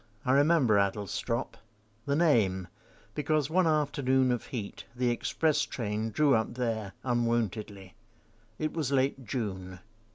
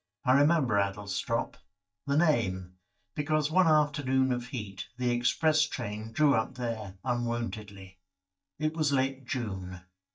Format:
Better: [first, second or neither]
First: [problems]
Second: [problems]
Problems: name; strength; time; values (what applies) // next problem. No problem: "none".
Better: first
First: none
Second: noise reduction (neural mask model DeepFilterNet 3)